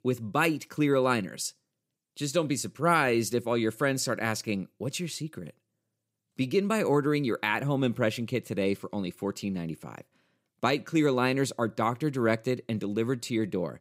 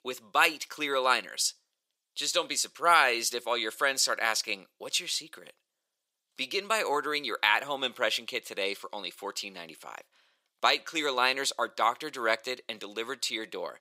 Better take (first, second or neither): first